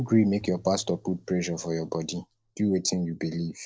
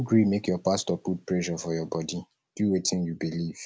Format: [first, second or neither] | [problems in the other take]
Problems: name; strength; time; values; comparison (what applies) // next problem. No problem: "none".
second | noise reduction (neural separator model SepFormer DNS4)